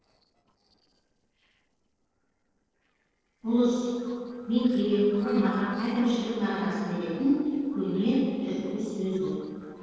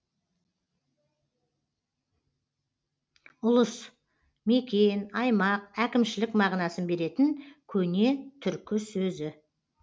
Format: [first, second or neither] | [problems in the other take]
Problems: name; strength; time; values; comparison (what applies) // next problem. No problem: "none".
second | noise reduction (neural separator model SepFormer DNS4)